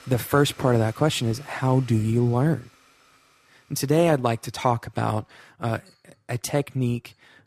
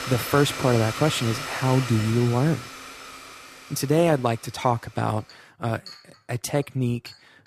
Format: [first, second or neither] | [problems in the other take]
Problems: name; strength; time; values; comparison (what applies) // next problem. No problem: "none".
first | household noises; loud; throughout; 10 dB below the speech; faint in the first